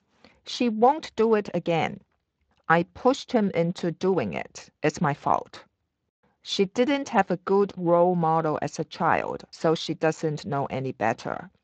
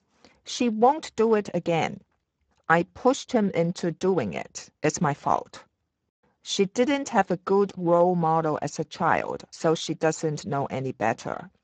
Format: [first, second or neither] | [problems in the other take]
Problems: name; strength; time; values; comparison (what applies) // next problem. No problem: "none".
first | garbled, watery; badly; nothing above 7.5 kHz; slightly in the first